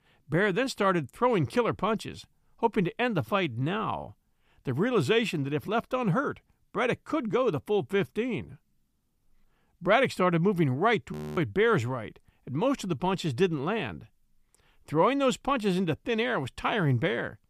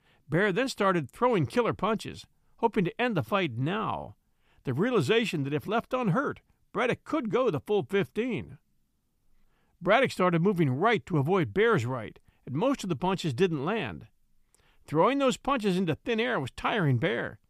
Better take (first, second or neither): second